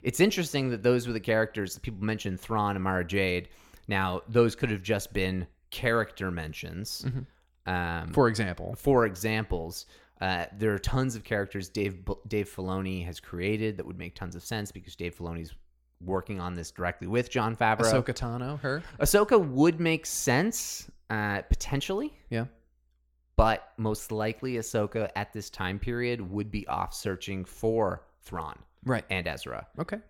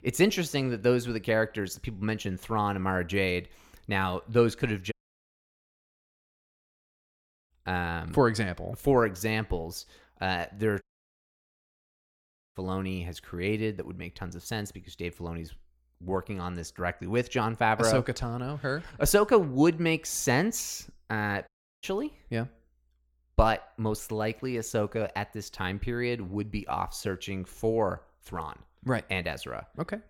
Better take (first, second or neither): first